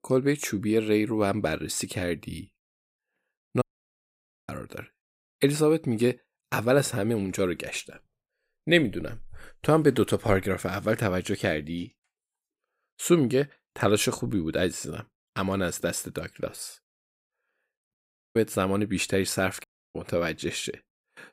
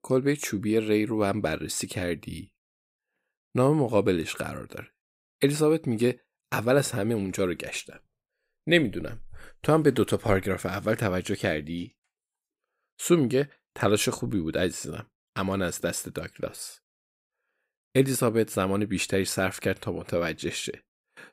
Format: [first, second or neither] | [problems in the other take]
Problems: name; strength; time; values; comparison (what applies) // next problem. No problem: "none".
second | audio cutting out; at 3.5 s for 1 s, at 18 s and at 20 s